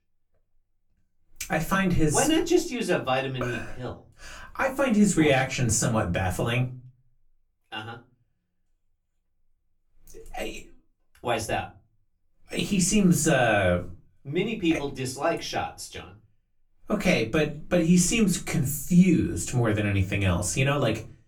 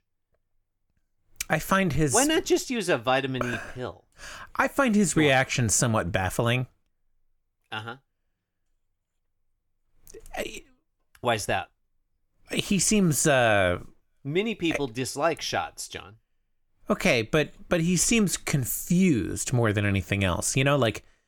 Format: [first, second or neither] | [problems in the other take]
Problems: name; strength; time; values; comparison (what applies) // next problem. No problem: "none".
second | off-mic speech; far // room echo; very slight; dies away in 0.3 s